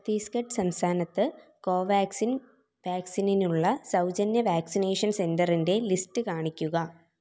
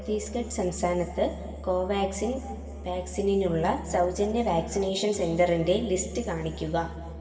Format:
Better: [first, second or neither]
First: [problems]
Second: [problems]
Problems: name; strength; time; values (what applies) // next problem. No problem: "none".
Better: first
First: none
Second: background sound (Musical instrument); 12 dB below the speech // room echo; dies away in 2.5 s